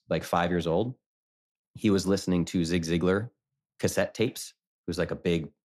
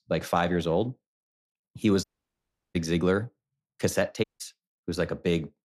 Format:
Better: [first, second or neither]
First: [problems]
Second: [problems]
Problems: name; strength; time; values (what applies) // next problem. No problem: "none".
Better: first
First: none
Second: audio cutting out; at 2 s for 0.5 s and at 4 s